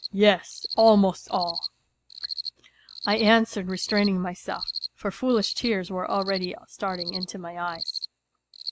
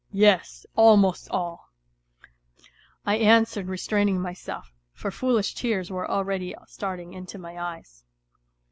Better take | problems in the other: second | noise reduction (neural mask model RNNoise)

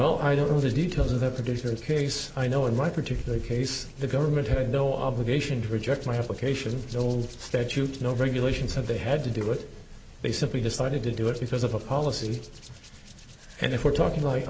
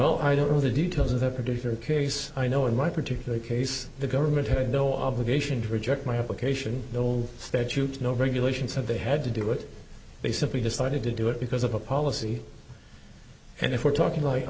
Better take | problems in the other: second | background sound (Hands); 17 dB below the speech

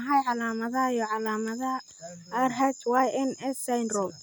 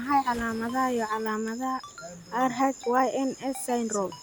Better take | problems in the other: first | background sound (Ringtone + Waves, surf); 19 dB below the speech

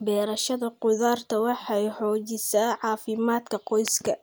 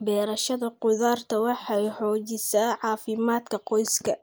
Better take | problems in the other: first | noise reduction (neural mask model Resemble Enhance denoiser)

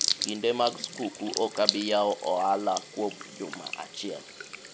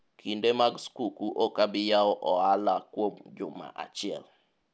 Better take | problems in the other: second | background sound (Sink (filling or washing) / Water tap, faucet); 5 dB below the speech

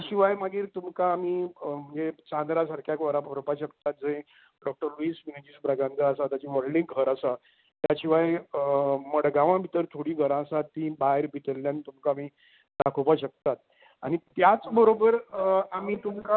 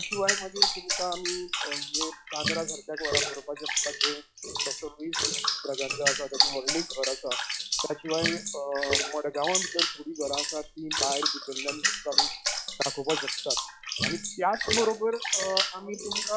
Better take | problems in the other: first | noise reduction (classical method log-MMSE)

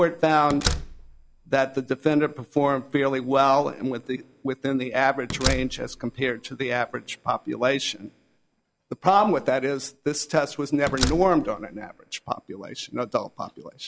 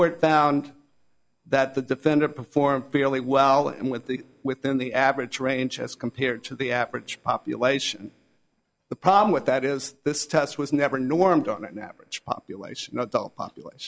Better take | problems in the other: second | background sound (Slam); 7 dB below the speech

